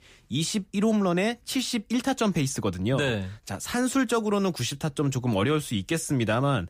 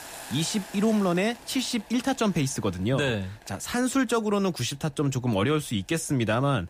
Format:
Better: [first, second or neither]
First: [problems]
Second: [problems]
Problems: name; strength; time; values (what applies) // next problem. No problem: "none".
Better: first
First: none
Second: hiss; noticeable; throughout; 20 dB below the speech